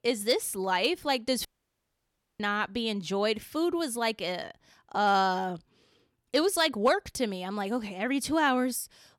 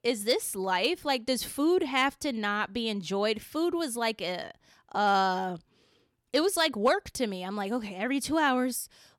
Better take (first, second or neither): second